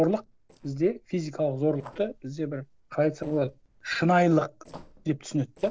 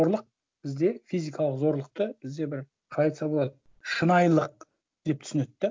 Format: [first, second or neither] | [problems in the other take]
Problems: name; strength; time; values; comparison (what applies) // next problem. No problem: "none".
second | noise reduction (neural separator model SepFormer DNS4)